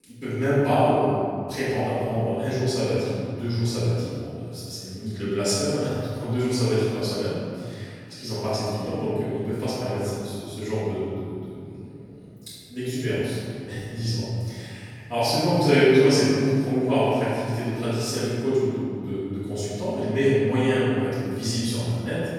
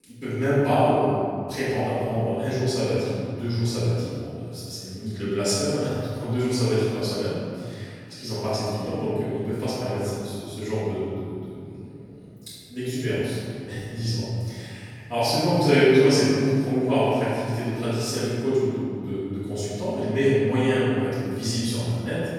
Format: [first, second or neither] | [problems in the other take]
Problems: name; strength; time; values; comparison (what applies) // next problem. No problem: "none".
neither | room echo; strong; dies away in 2.1 s; the same in both // off-mic speech; far; the same in both